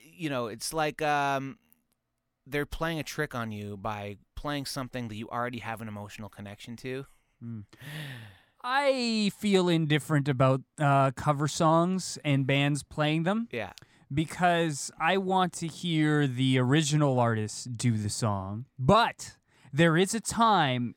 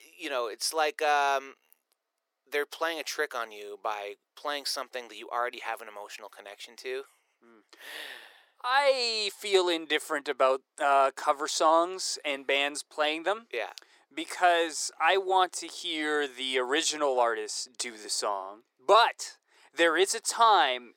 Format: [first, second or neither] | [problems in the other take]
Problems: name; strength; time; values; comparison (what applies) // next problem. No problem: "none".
first | thin; very; fading below 400 Hz